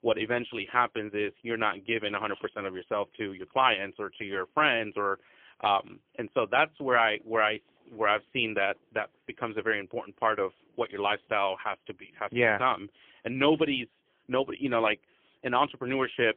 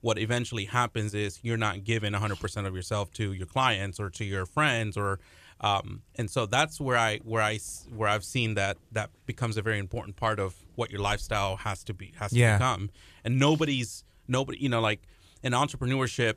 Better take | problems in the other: second | phone-call audio; poor line; nothing above 3.5 kHz

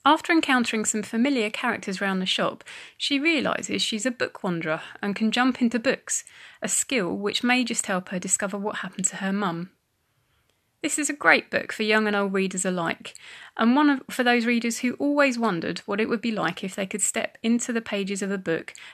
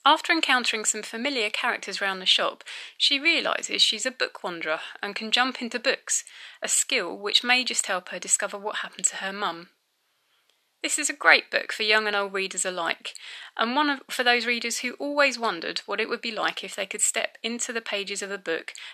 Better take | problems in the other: first | thin; somewhat; fading below 450 Hz

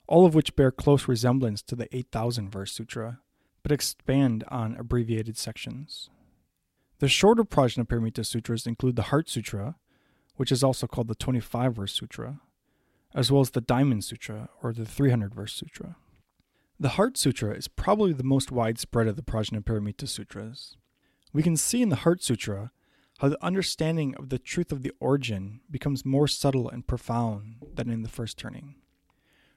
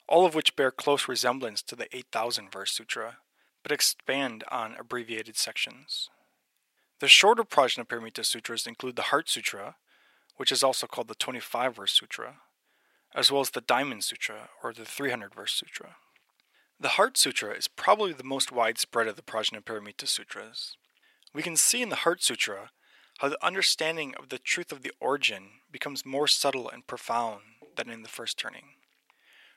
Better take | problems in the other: first | thin; very; fading below 650 Hz

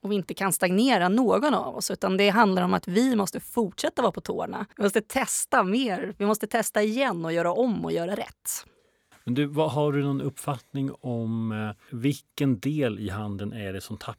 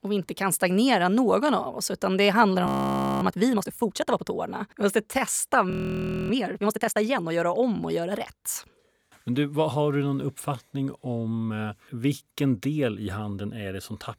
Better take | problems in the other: first | audio freezing; at 2.5 s for 0.5 s and at 5.5 s for 0.5 s

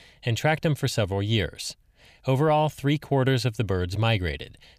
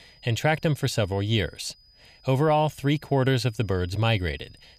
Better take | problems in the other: first | high-pitched whine; faint; throughout; 5 kHz, 30 dB below the speech

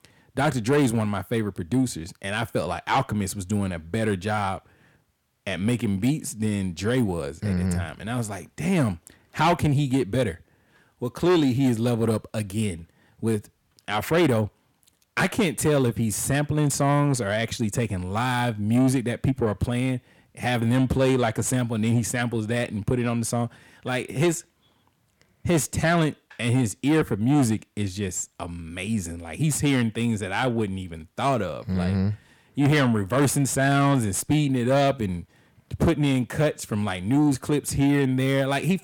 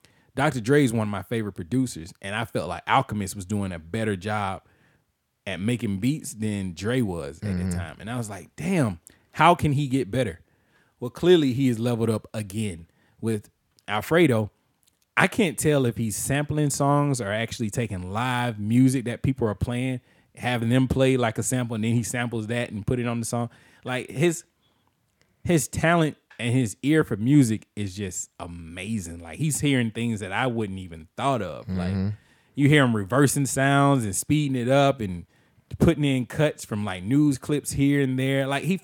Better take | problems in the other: second | distortion; slight; 10 dB below the speech

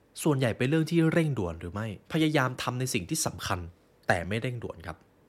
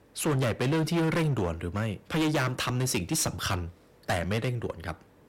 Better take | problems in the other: first | distortion; heavy; 15% of the sound clipped

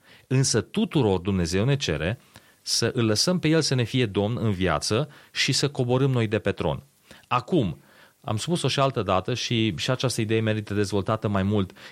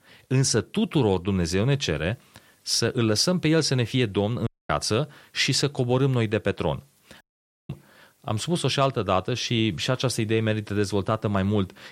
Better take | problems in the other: first | audio cutting out; at 4.5 s and at 7 s

